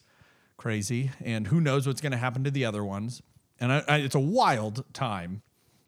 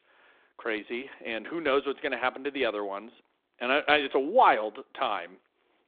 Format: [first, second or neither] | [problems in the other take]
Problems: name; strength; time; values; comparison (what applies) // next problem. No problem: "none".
first | phone-call audio